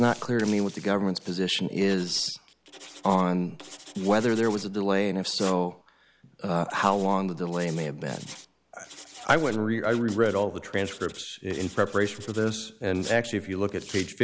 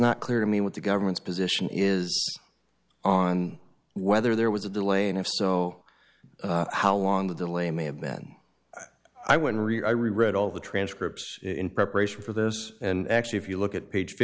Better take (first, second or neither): second